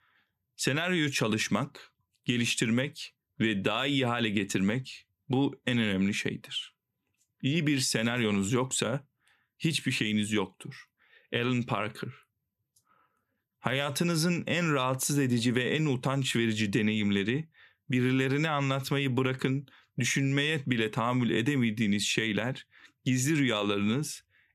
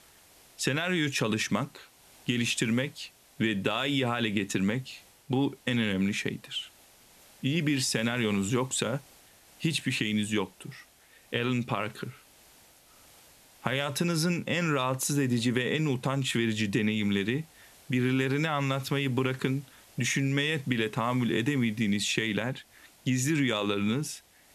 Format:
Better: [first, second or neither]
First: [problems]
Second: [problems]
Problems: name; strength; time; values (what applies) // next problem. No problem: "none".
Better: first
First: none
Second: hiss; faint; throughout; 25 dB below the speech